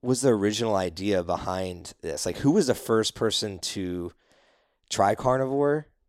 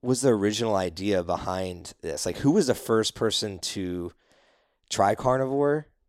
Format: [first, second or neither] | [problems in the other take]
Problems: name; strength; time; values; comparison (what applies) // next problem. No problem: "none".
neither | none